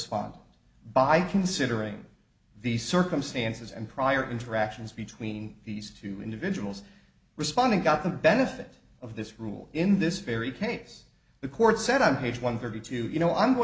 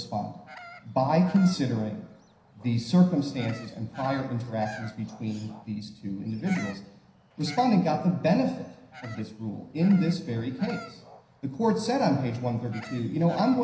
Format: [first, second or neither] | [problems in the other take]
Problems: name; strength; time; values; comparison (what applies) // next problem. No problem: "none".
first | background sound (Bird vocalization, bird call, bird song); 20 dB below the speech // room echo; dies away in 0.9 s